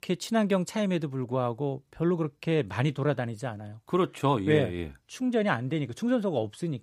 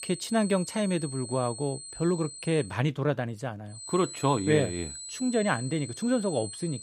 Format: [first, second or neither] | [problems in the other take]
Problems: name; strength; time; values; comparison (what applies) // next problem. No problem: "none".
first | high-pitched whine; noticeable; until 2.5 s and from 4 s on; 8 kHz, 10 dB below the speech